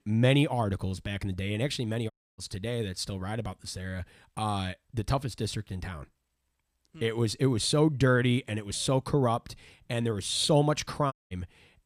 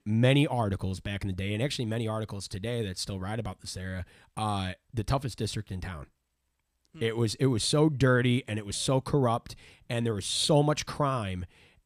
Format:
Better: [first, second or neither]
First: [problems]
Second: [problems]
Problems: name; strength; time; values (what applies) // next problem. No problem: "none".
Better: second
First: audio cutting out; at 2 s and at 11 s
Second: none